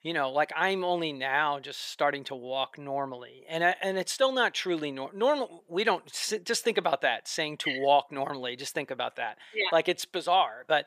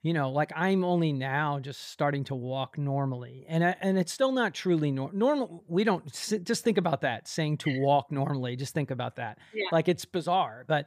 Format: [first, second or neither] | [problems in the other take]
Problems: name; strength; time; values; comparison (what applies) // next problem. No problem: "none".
second | thin; somewhat; fading below 450 Hz